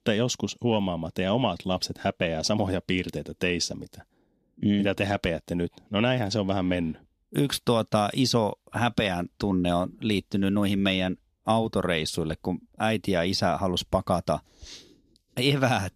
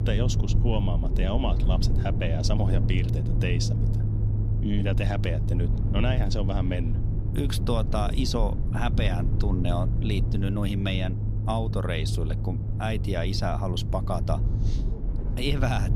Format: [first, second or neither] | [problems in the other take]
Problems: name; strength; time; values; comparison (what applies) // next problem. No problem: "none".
first | low rumble; loud; throughout; 7 dB below the speech